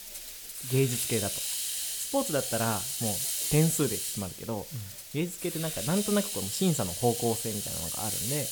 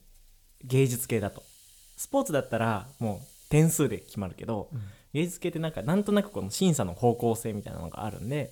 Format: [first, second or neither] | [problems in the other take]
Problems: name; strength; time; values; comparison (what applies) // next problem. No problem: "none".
second | hiss; loud; throughout; 1 dB below the speech; faint in the second